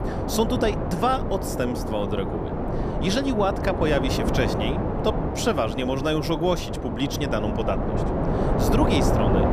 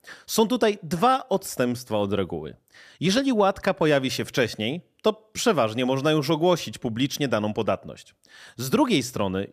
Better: second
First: wind noise on the microphone; heavy; 3 dB below the speech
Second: none

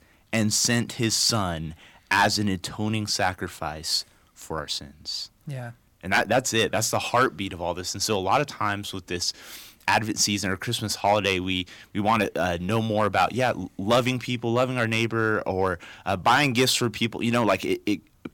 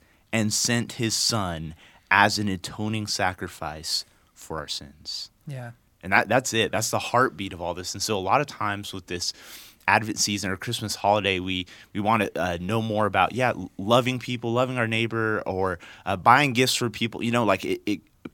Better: second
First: distortion; slight; 1.4% of the sound clipped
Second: none

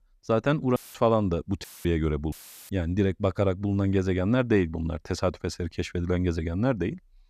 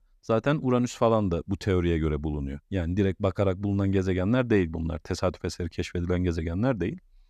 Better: second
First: audio cutting out; filled with static; at 1 s, at 1.5 s and at 2.5 s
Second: none

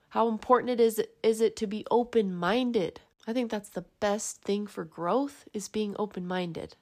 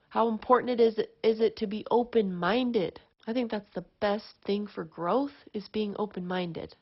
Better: first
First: none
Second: garbled, watery; badly; nothing above 5.5 kHz

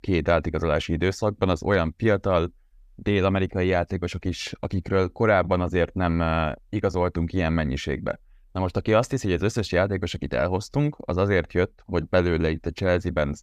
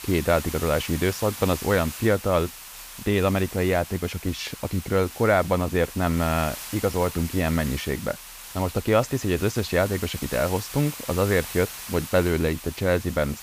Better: first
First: none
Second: hiss; noticeable; throughout; 10 dB below the speech

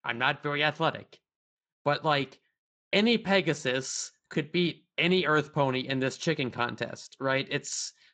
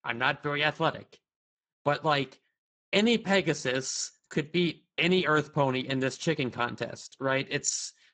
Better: first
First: garbled, watery; slightly; nothing above 7.5 kHz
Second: garbled, watery; badly; nothing above 7.5 kHz

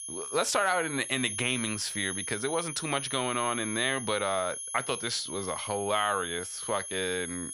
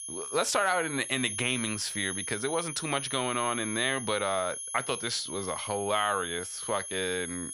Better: neither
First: high-pitched whine; loud; throughout; 10.5 kHz, 5 dB below the speech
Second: high-pitched whine; loud; throughout; 10.5 kHz, 5 dB below the speech

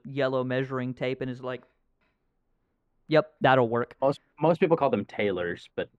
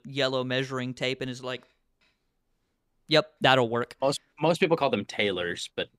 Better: second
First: muffled; very; fading above 3 kHz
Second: none

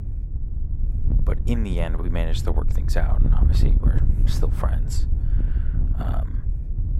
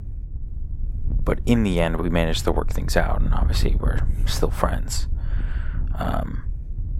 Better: second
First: wind noise on the microphone; heavy; 6 dB below the speech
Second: wind noise on the microphone; occasional gusts; 20 dB below the speech

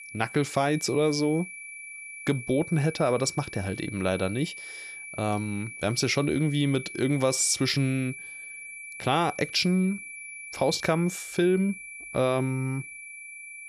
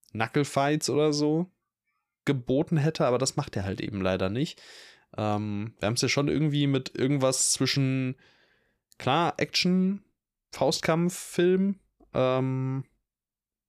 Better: second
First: high-pitched whine; noticeable; throughout; 2.5 kHz, 10 dB below the speech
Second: none

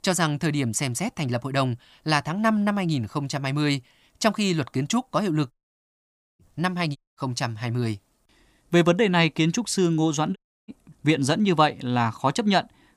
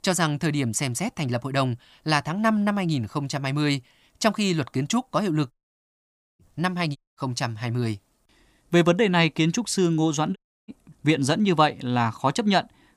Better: neither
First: audio cutting out; at 5.5 s for 1 s, at 7 s and at 10 s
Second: audio cutting out; at 5.5 s for 1 s, at 7 s and at 10 s

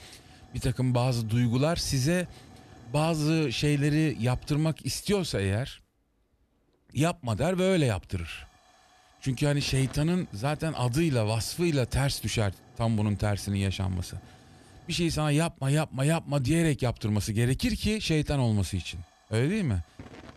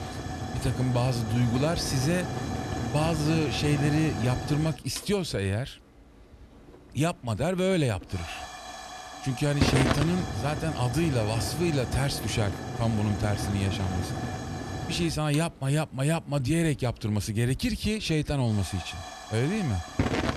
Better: first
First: hiss; faint; throughout; 25 dB below the speech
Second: hiss; loud; throughout; 5 dB below the speech

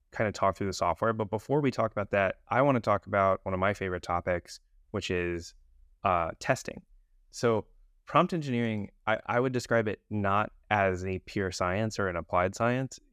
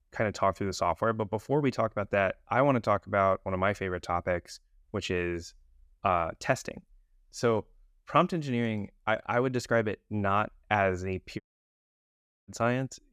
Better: first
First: none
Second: audio cutting out; at 11 s for 1 s

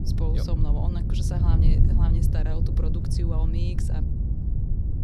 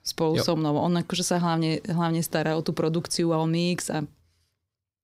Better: second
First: wind noise on the microphone; heavy; 1 dB above the speech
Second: none

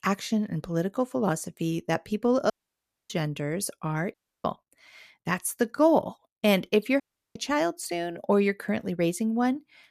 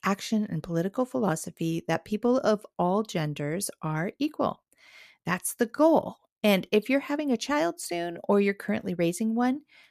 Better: second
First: audio cutting out; at 2.5 s for 0.5 s, at 4 s and at 7 s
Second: none

